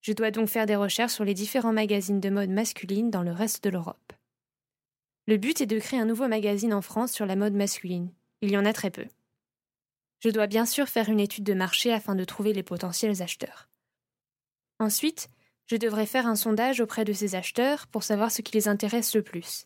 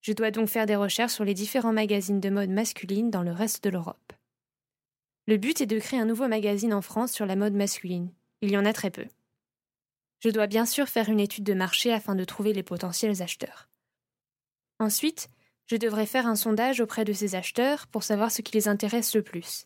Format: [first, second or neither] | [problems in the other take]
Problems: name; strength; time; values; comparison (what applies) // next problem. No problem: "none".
neither | none